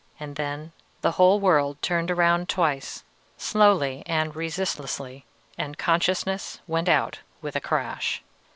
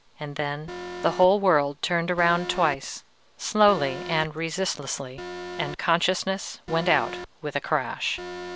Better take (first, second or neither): first